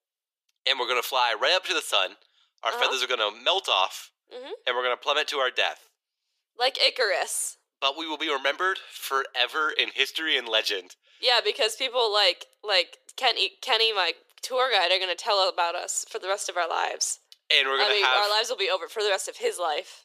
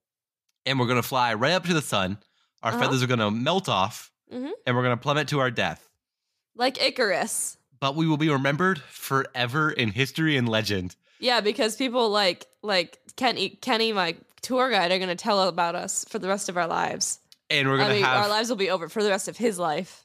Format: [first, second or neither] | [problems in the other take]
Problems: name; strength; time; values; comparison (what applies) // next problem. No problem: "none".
second | thin; very; fading below 400 Hz